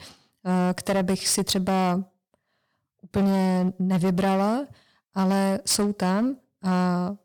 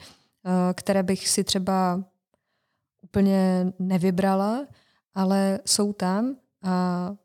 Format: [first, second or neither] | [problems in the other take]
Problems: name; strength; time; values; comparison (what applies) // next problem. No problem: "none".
second | distortion; slight; 14% of the sound clipped